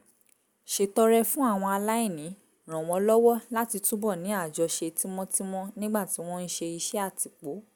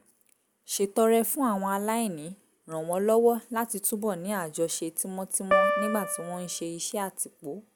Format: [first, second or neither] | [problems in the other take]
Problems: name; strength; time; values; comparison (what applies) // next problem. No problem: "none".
first | background sound (Piano); as loud as the speech